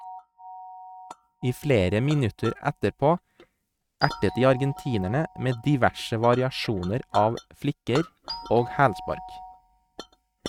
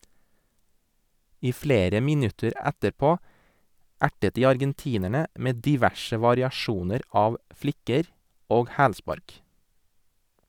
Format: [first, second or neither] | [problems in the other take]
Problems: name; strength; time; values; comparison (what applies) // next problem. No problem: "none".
second | noise reduction (neural mask model RNNoise)